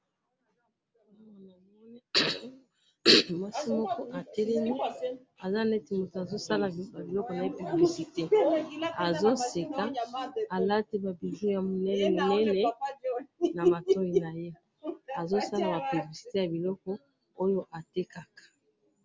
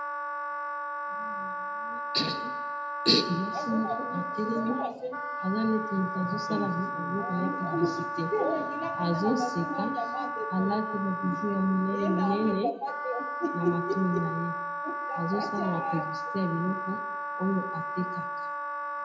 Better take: first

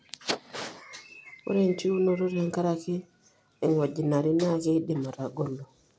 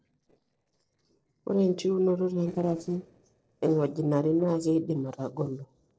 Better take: first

